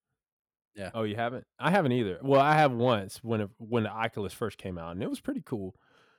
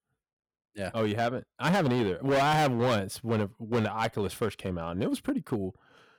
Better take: first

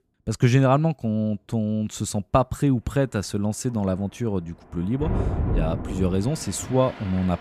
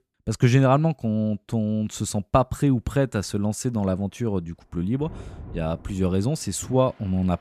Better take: second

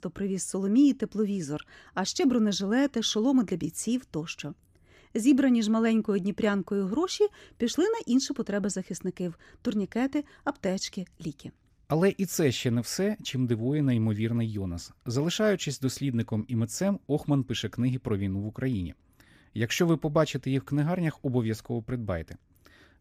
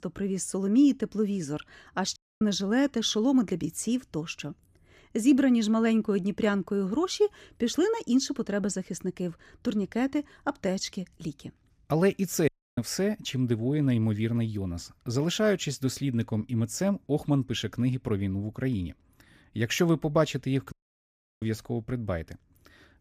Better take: first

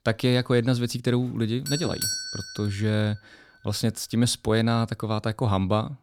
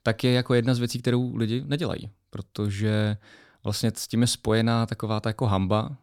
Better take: second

